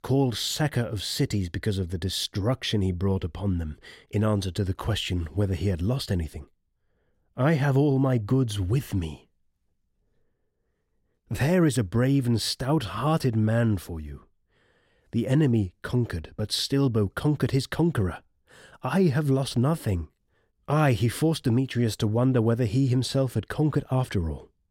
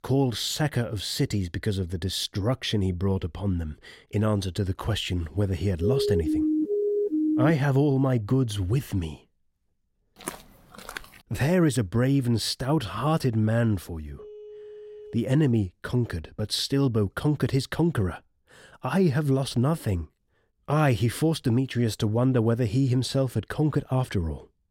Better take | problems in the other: first | siren; loud; from 6 to 7.5 s; peak 1 dB above the speech // footsteps; faint; at 10 s; peak 10 dB below the speech // phone ringing; faint; from 14 to 15 s; peak 15 dB below the speech

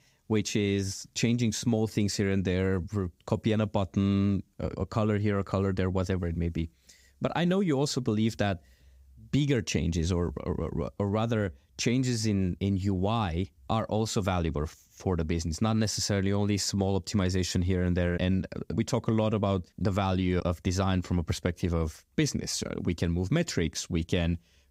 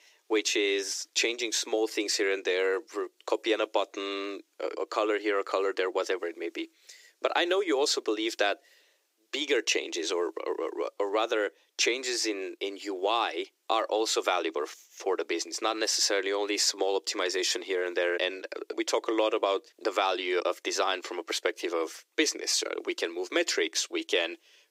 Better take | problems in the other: first | thin; very; fading below 300 Hz

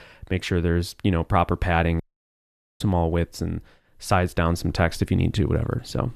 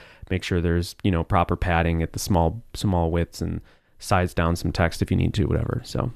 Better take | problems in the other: second | audio cutting out; at 2 s for 1 s

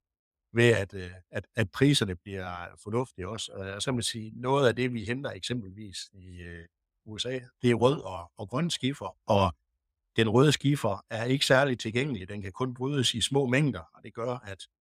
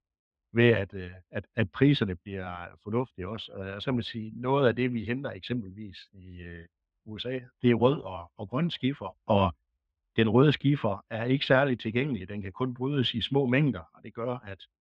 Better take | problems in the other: first | muffled; slightly; fading above 3 kHz

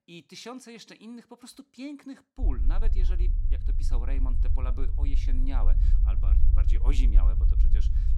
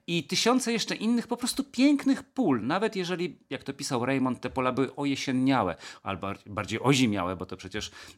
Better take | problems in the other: second | low rumble; loud; from 2.5 s on; 5 dB below the speech

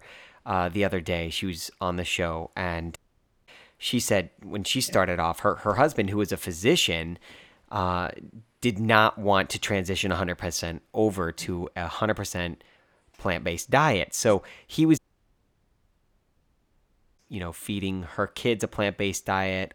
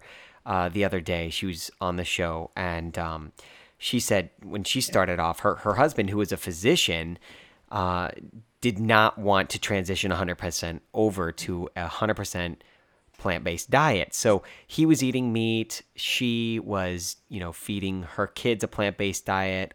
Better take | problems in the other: second | audio cutting out; at 3 s for 0.5 s and at 15 s for 2 s

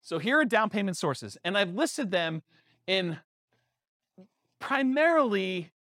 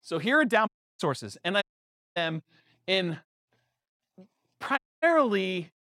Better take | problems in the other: first | audio cutting out; at 0.5 s, at 1.5 s for 0.5 s and at 5 s

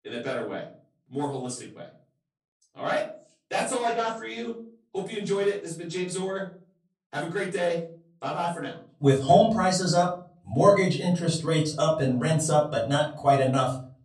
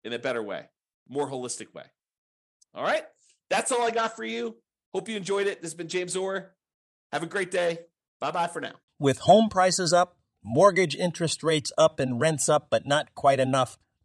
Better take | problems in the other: second | off-mic speech; far // room echo; slight; dies away in 0.4 s

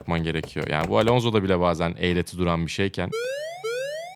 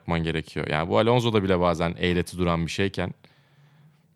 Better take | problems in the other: second | keyboard typing; faint; until 1 s; peak 10 dB below the speech // siren; noticeable; from 3 s on; peak 5 dB below the speech

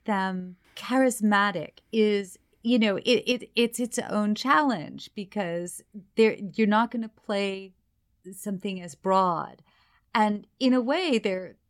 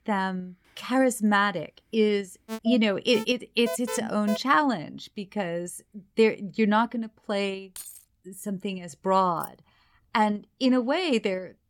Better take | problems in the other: first | alarm; noticeable; from 2.5 to 4.5 s; peak 7 dB below the speech // jangling keys; faint; at 8 s and at 9.5 s; peak 15 dB below the speech

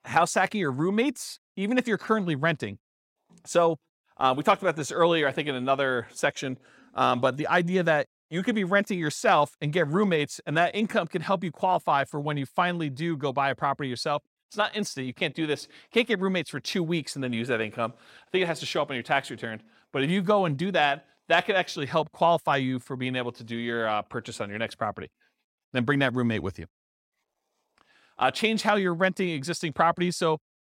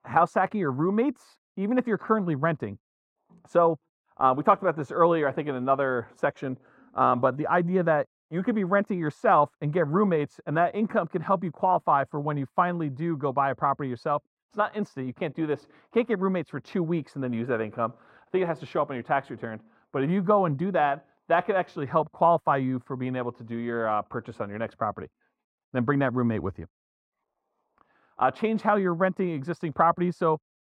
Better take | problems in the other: first | muffled; very; fading above 2.5 kHz

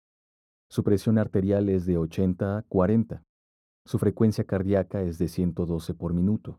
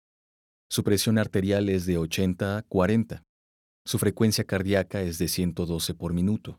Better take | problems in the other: second | muffled; very; fading above 1.5 kHz

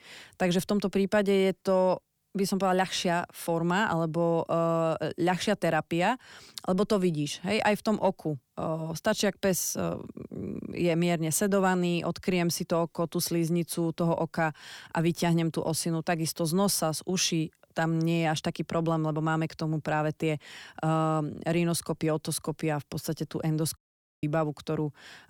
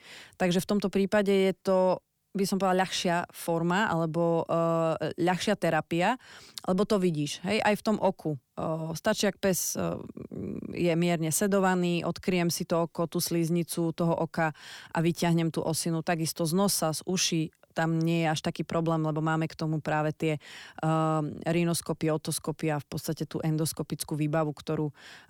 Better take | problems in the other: second | audio cutting out; at 24 s

